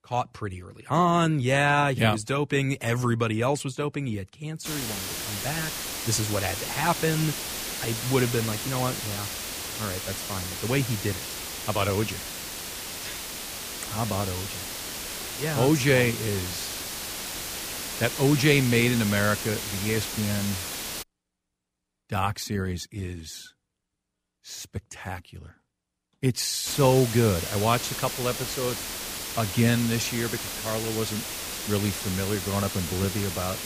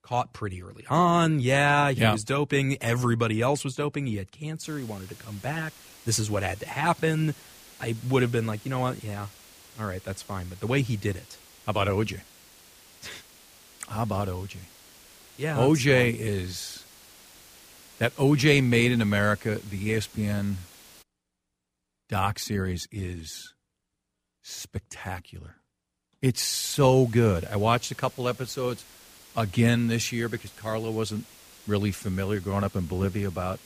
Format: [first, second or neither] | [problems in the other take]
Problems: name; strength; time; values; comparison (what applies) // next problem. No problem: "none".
second | hiss; loud; from 4.5 to 21 s and from 27 s on; 5 dB below the speech; faint in the second